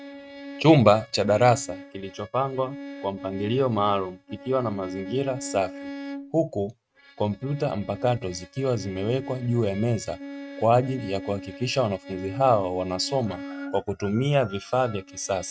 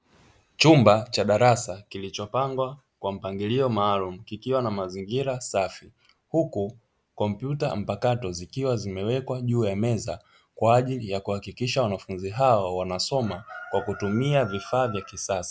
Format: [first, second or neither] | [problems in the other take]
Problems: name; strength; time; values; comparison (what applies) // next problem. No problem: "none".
second | noise reduction (neural mask model RNNoise)